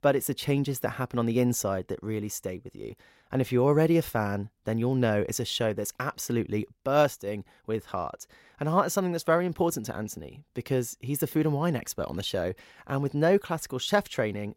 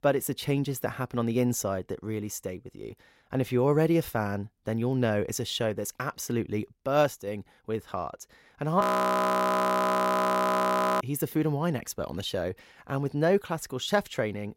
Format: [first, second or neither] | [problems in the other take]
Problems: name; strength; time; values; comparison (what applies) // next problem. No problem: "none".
first | audio freezing; at 9 s for 2 s